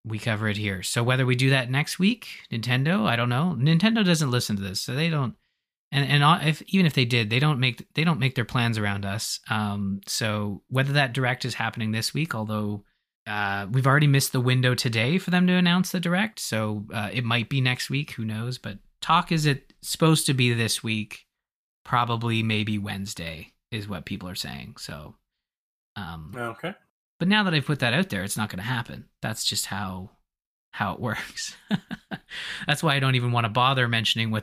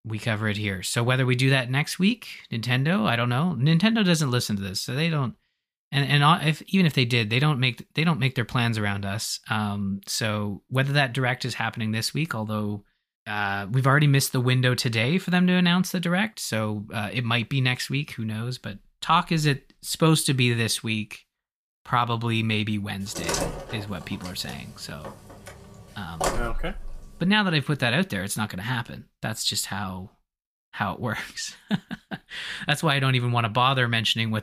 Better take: first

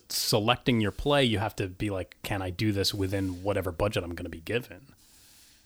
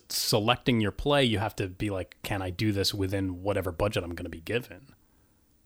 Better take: second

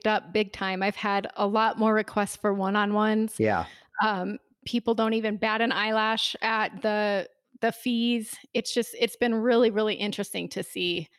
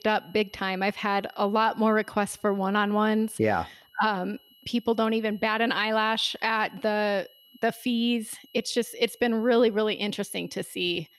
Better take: first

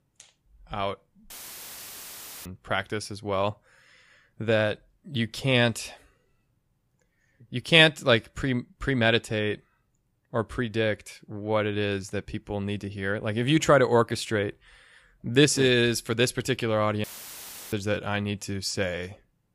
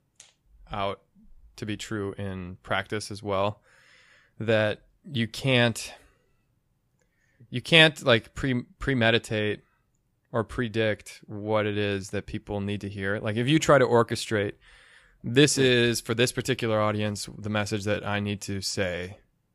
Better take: second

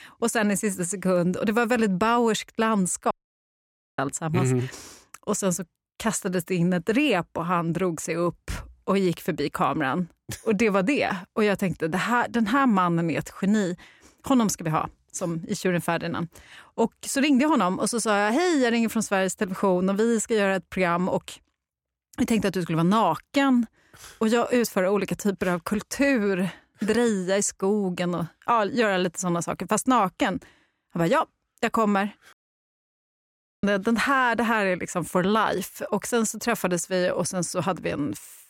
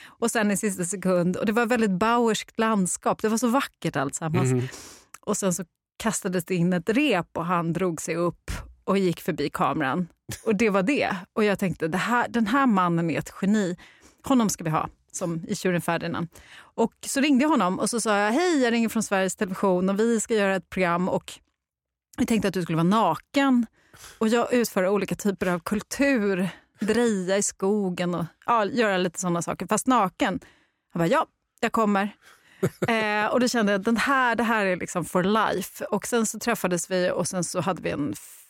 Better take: second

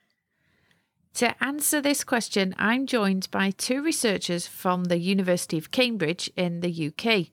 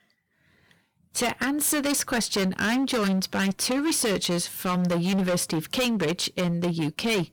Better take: first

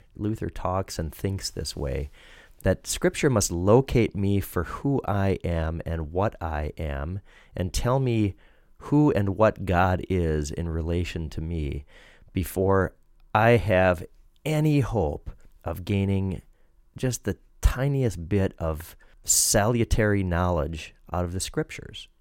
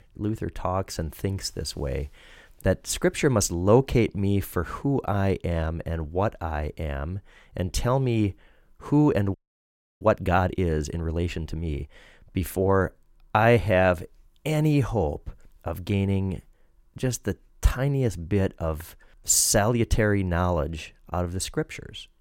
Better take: first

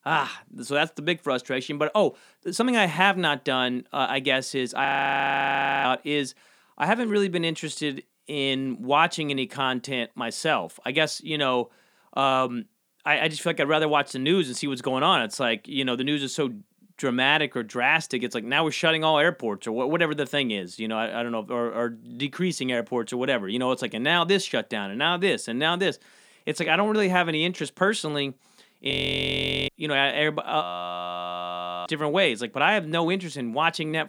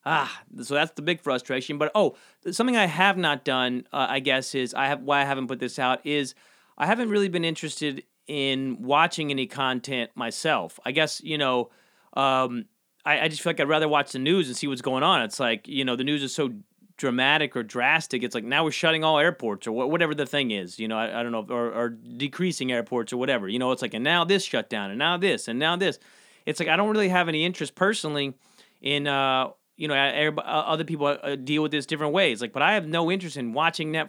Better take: second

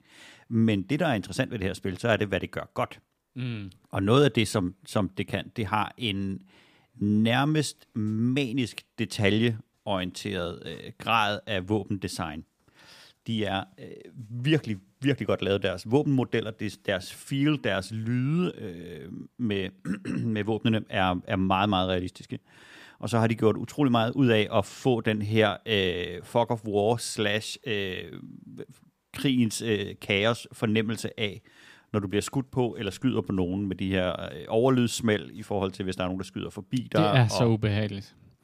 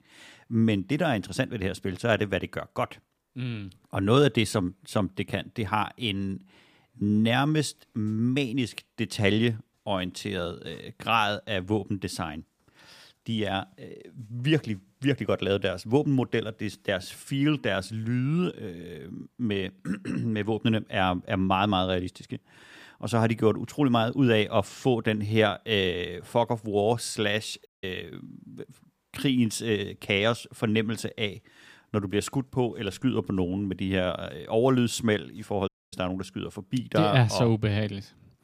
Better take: first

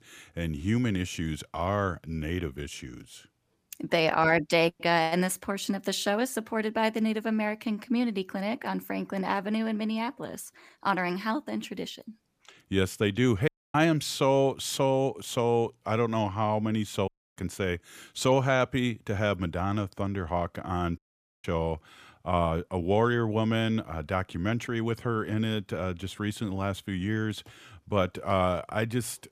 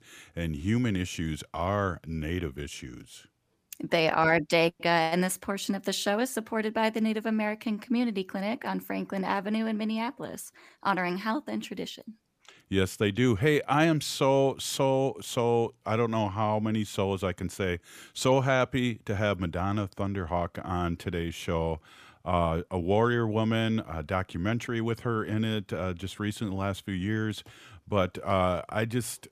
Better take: second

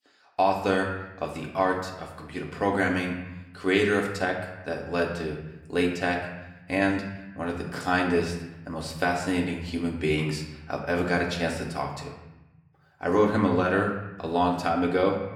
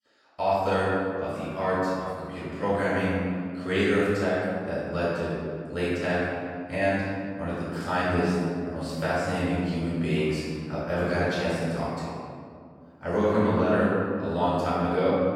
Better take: first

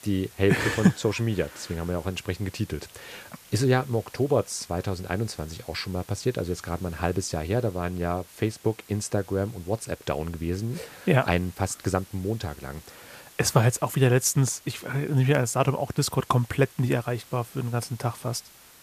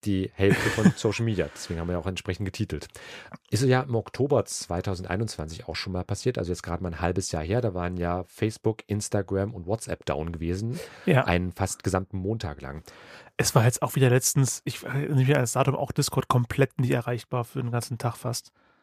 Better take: second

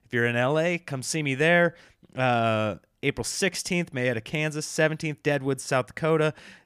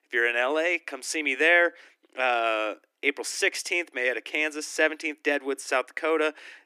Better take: first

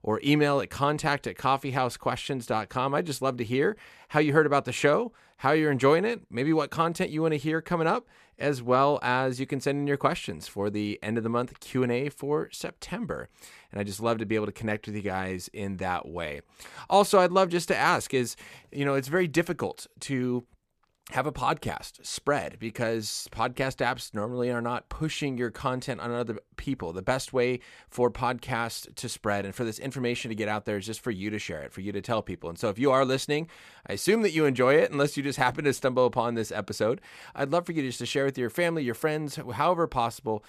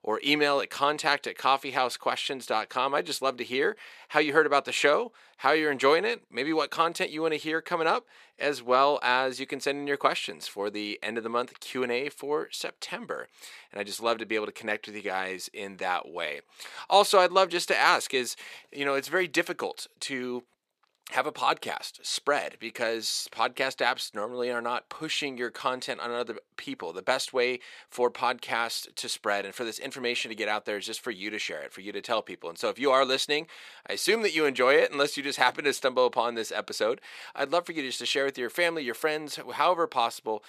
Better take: first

